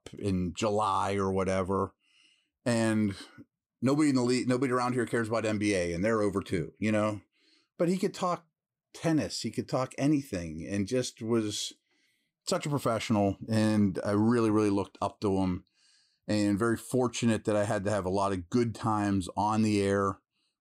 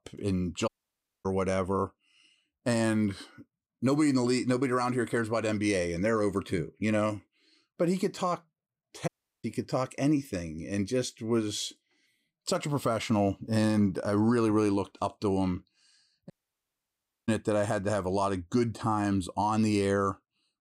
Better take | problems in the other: first | audio cutting out; at 0.5 s for 0.5 s, at 9 s and at 16 s for 1 s

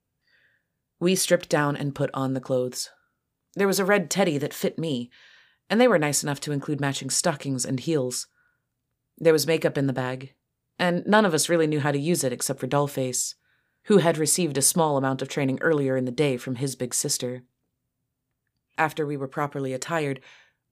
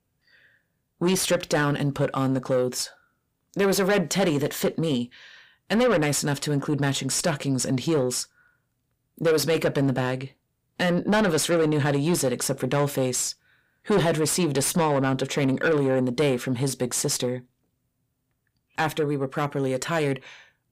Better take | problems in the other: first | distortion; heavy; 8 dB below the speech

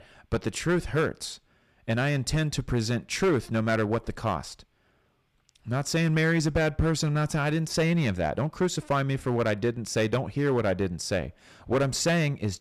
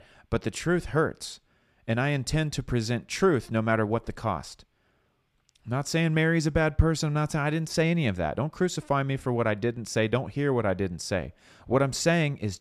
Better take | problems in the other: second | distortion; slight; 5% of the sound clipped

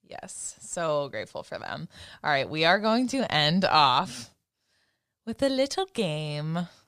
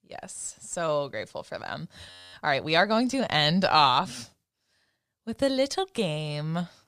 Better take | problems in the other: first | audio freezing; at 2 s

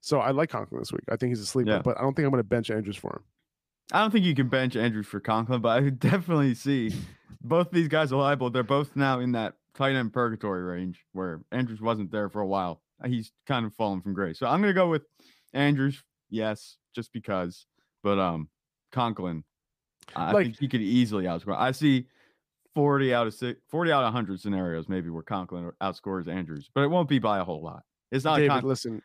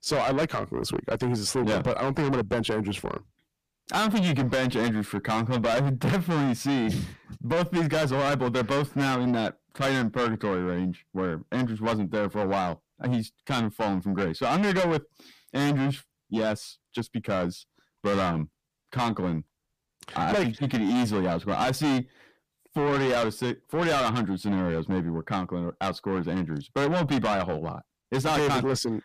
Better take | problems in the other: first | distortion; heavy; 5 dB below the speech

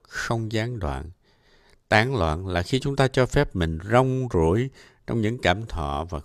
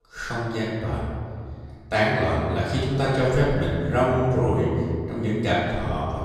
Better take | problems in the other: first | off-mic speech; far // room echo; strong; dies away in 2.1 s

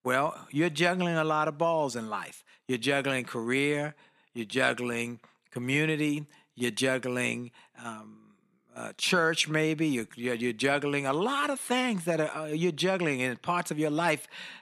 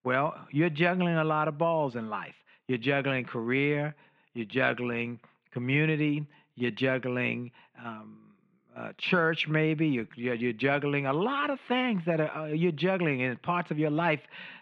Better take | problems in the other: first | muffled; very; fading above 3 kHz

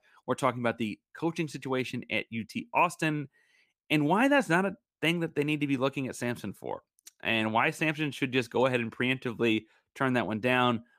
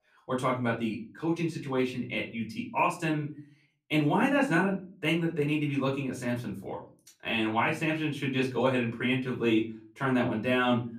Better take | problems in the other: first | off-mic speech; far // room echo; very slight; dies away in 0.4 s

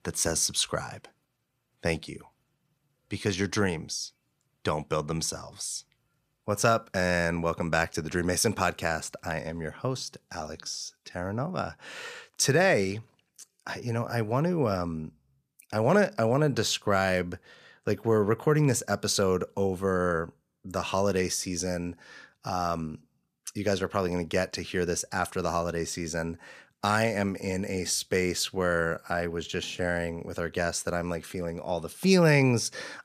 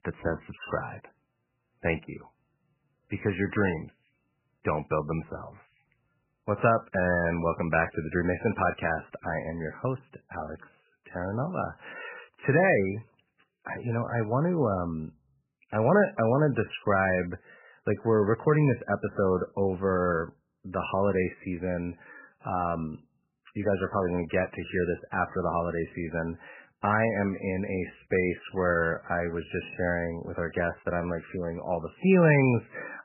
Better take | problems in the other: first | garbled, watery; badly; nothing above 2.5 kHz

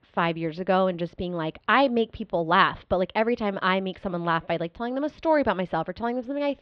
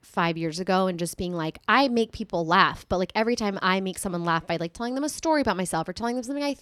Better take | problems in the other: second | muffled; slightly; fading above 3.5 kHz

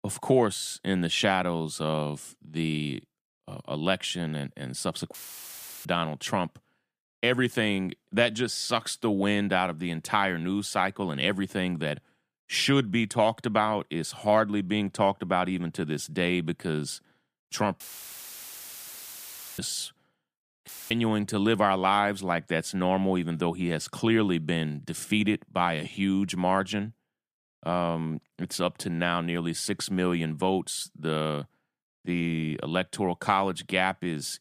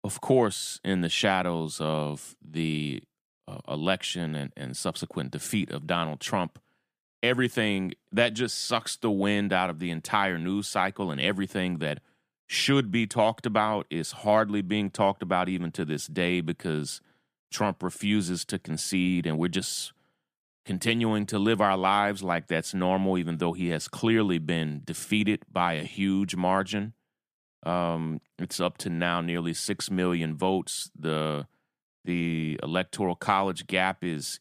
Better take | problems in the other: second | audio cutting out; filled with static; at 5 s for 0.5 s, at 18 s for 2 s and at 21 s

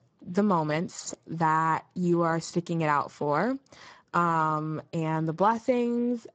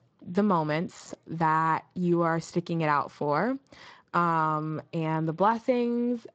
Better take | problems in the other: second | garbled, watery; badly; nothing above 7.5 kHz; slightly in the second

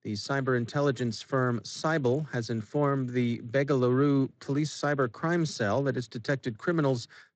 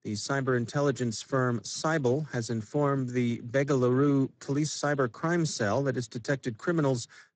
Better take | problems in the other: first | garbled, watery; badly; nothing above 8 kHz; slightly in the first

